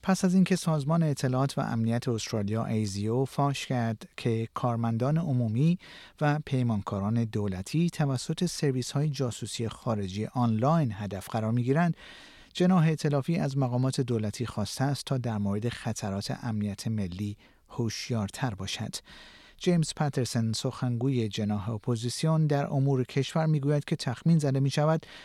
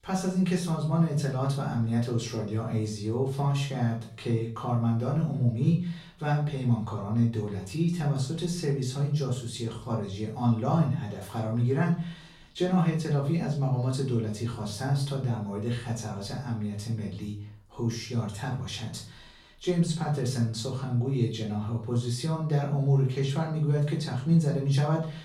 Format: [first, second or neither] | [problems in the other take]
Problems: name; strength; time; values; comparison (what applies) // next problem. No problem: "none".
first | off-mic speech; far // room echo; slight; dies away in 0.4 s